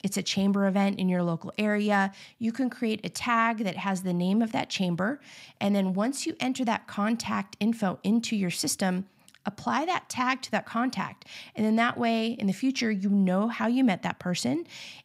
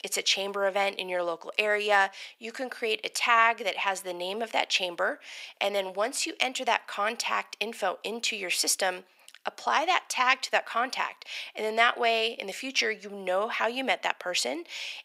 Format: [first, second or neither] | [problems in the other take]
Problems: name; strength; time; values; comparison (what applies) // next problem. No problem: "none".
first | thin; very; fading below 450 Hz